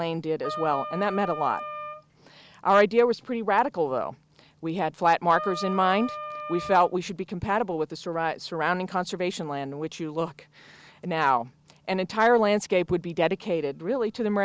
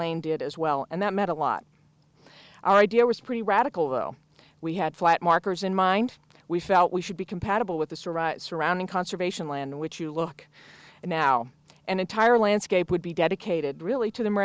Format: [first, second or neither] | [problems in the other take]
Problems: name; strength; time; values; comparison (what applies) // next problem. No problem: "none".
second | background sound (Wind instrument, woodwind instrument); 10 dB below the speech